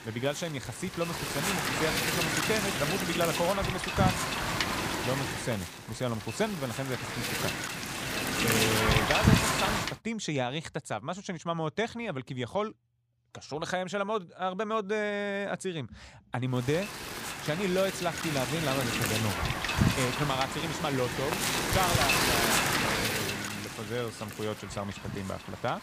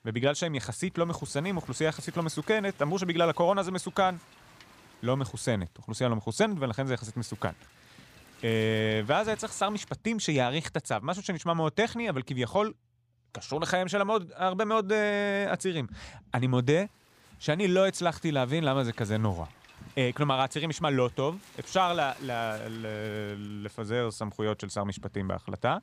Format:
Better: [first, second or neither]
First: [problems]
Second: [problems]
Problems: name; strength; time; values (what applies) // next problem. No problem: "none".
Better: second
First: wind noise on the microphone; heavy; until 10 s and from 17 s on; 4 dB above the speech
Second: wind noise on the microphone; occasional gusts; until 10 s and from 17 s on; 25 dB below the speech